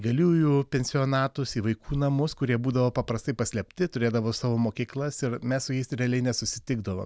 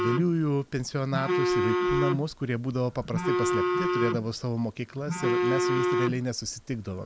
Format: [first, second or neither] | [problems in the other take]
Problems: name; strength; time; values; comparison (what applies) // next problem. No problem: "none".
first | background sound (Telephone); 1 dB above the speech